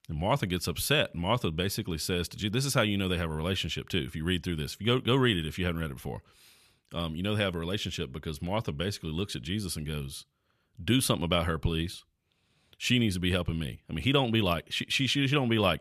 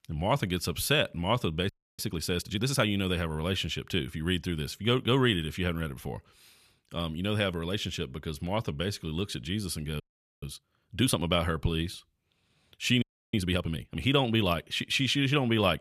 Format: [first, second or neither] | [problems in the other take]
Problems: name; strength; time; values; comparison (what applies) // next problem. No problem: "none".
first | audio freezing; at 1.5 s, at 10 s and at 13 s